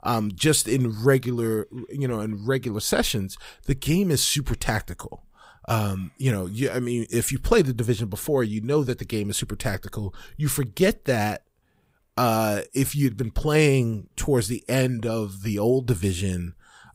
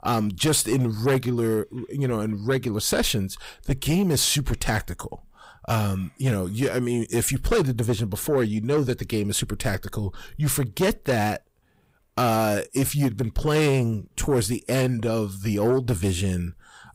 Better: first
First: none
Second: distortion; slight; 10 dB below the speech

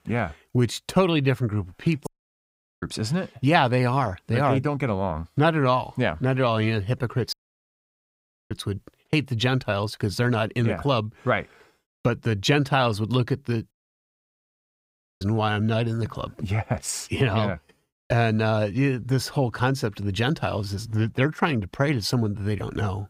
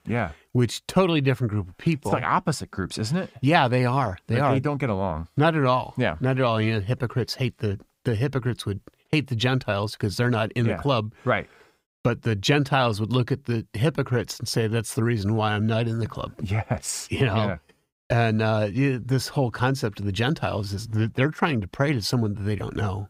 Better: second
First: audio cutting out; at 2 s for 1 s, at 7.5 s for 1 s and at 14 s for 1.5 s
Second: none

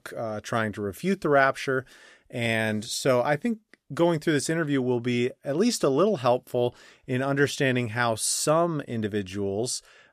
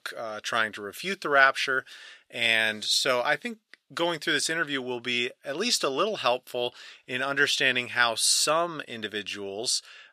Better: first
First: none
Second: thin; somewhat; fading below 800 Hz

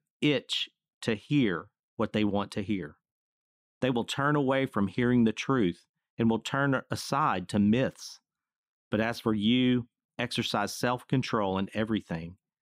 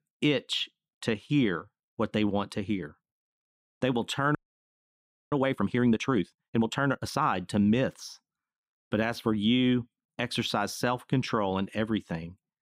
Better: first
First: none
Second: audio freezing; at 4.5 s for 1 s

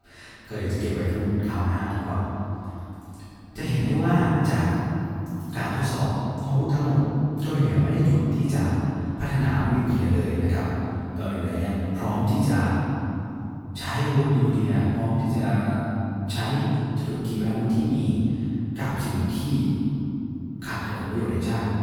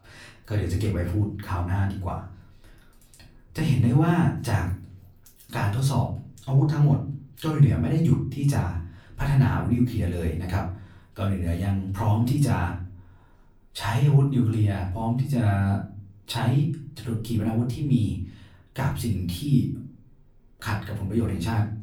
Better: second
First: room echo; strong; dies away in 3 s // off-mic speech; far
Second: room echo; slight; dies away in 0.4 s // off-mic speech; far

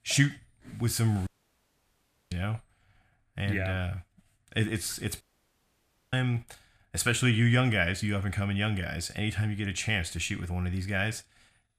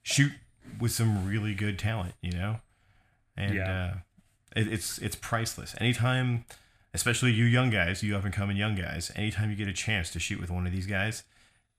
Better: second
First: audio cutting out; at 1.5 s for 1 s and at 5 s for 1 s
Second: none

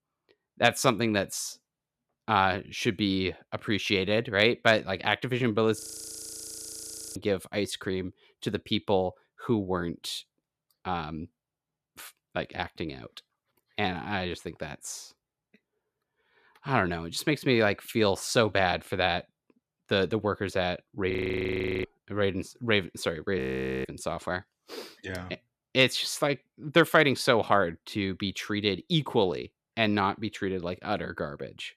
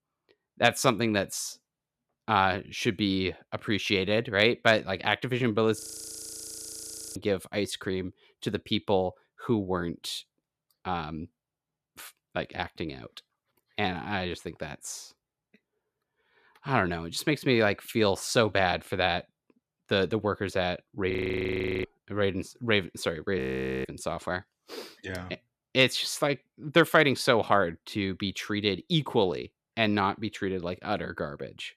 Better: neither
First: audio freezing; at 6 s for 1.5 s, at 21 s for 0.5 s and at 23 s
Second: audio freezing; at 6 s for 1.5 s, at 21 s for 0.5 s and at 23 s

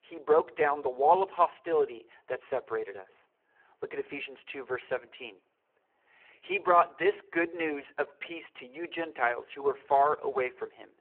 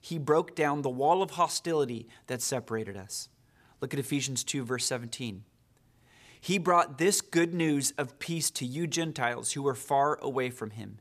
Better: second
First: phone-call audio; poor line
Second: none

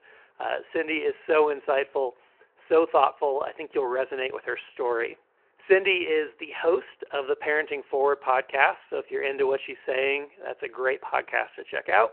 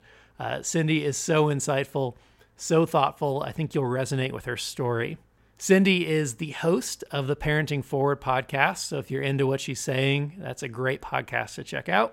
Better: second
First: phone-call audio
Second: none

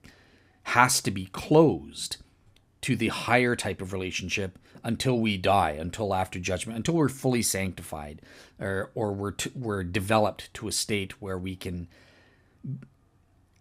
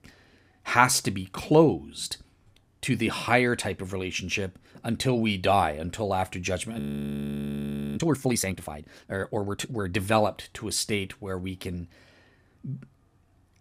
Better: first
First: none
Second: audio freezing; at 7 s for 1 s

